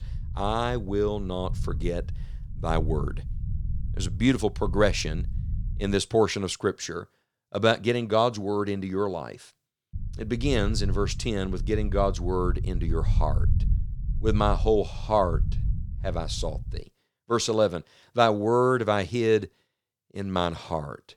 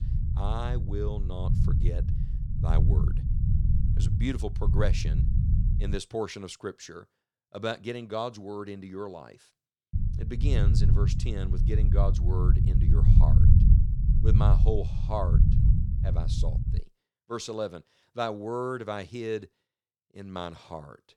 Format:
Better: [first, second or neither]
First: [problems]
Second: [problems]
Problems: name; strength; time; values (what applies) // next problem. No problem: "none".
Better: first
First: low rumble; faint; until 6 s and from 10 to 17 s; 20 dB below the speech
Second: low rumble; loud; until 6 s and from 10 to 17 s; 5 dB below the speech